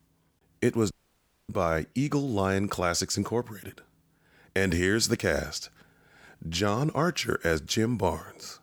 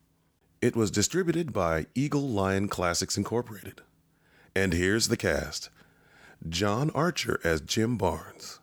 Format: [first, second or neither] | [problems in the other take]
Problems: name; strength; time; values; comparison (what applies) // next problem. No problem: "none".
second | audio cutting out; at 1 s for 0.5 s